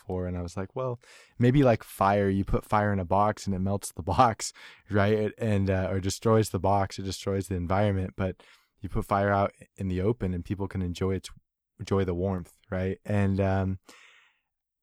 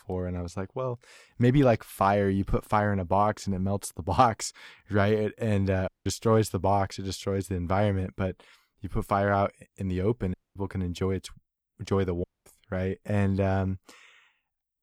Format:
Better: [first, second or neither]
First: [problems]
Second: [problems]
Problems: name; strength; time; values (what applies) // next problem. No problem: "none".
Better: first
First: none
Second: audio cutting out; at 6 s, at 10 s and at 12 s